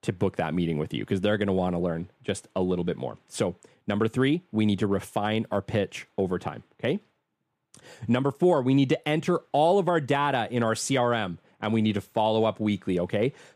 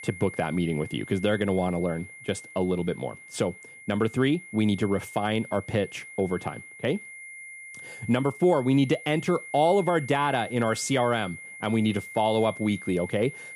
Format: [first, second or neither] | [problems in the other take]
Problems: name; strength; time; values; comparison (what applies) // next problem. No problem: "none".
first | high-pitched whine; noticeable; throughout; 2 kHz, 15 dB below the speech